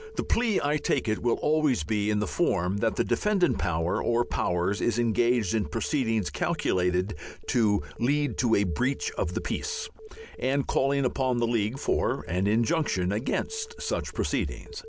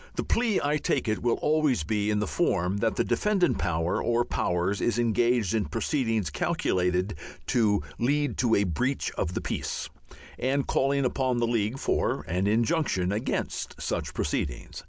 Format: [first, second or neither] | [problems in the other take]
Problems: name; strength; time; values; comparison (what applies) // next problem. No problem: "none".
second | background sound (Telephone); 20 dB below the speech